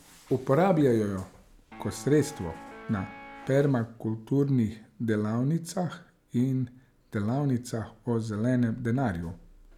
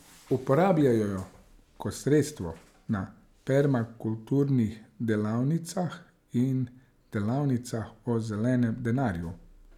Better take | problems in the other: second | background sound (Guitar); 16 dB below the speech

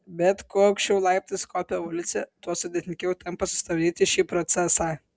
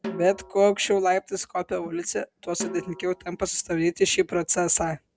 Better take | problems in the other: first | background sound (Snare drum); 17 dB below the speech

